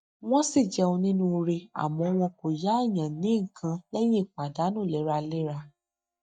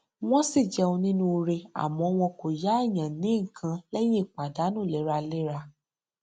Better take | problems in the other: second | noise reduction (neural mask model DeepFilterNet 3)

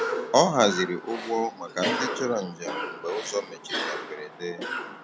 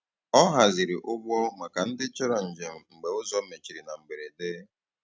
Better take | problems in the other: second | background sound (Cough); 5 dB below the speech

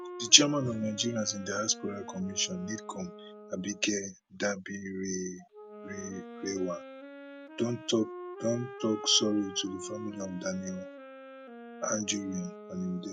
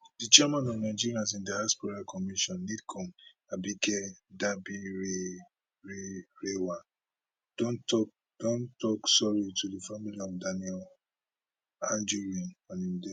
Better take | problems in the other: second | background sound (Wind instrument, woodwind instrument); 13 dB below the speech

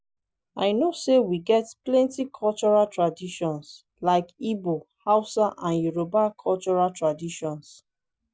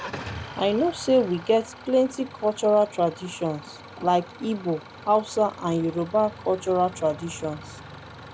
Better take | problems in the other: first | background sound (Idling / Engine starting); 16 dB below the speech

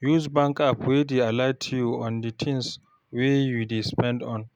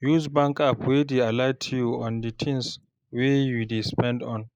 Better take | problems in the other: first | noise reduction (neural mask model Resemble Enhance denoiser)

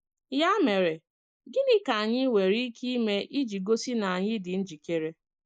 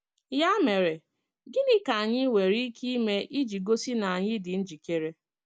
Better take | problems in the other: second | noise reduction (neural mask model Resemble Enhance denoiser)

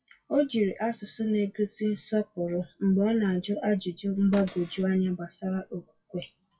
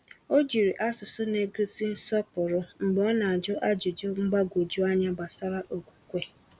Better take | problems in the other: second | noise reduction (classical method WPE with log-MMSE)

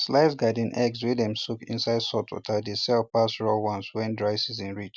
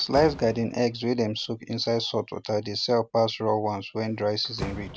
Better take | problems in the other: first | background sound (Slam); 16 dB below the speech

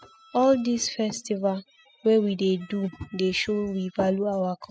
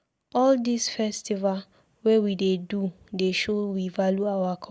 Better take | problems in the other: second | noise reduction (classical method spectral subtraction)

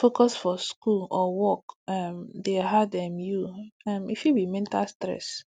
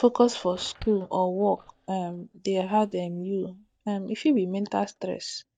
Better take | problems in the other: first | noise reduction (neural mask model DeepFilterNet 3)

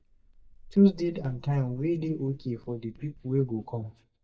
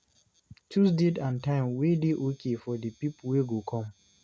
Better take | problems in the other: second | noise reduction (neural mask model DeepFilterNet 3)

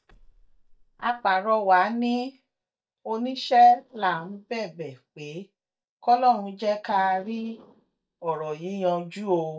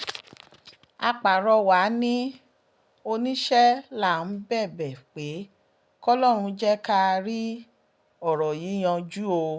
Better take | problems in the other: second | noise reduction (neural mask model DeepFilterNet 3)

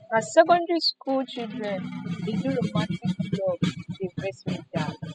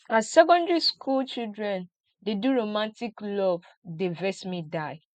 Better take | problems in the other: second | noise reduction (classical method spectral subtraction)

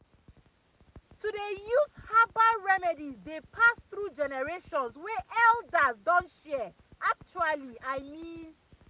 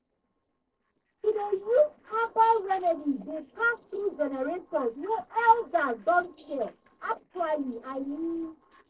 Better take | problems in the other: first | noise reduction (neural separator model SepFormer DNS4)

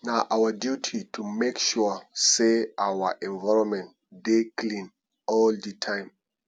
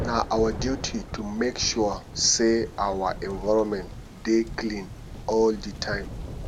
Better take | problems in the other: first | background sound (Thunder); 10 dB below the speech

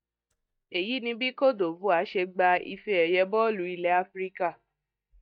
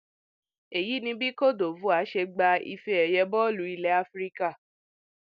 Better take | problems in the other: second | noise reduction (neural mask model DeepFilterNet 3)

